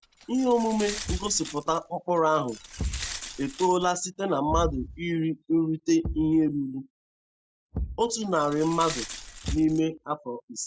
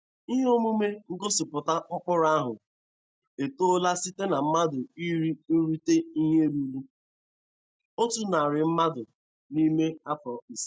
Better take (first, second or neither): second